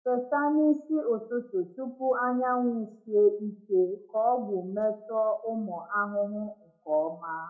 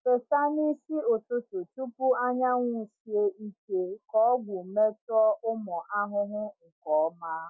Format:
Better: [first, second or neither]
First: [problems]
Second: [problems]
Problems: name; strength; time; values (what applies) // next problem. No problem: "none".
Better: second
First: room echo; dies away in 0.3 s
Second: none